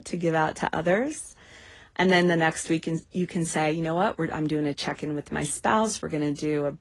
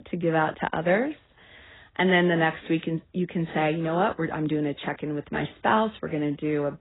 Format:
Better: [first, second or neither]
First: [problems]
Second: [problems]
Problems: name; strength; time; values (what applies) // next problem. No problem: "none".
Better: first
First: garbled, watery; slightly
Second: garbled, watery; badly; nothing above 3.5 kHz